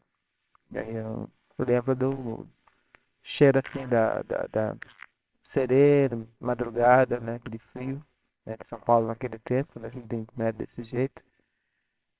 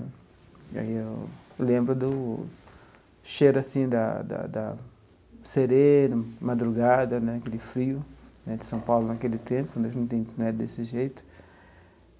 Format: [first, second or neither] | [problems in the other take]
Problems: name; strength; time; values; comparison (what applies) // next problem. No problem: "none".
second | noise reduction (neural separator model SepFormer WHAMR!)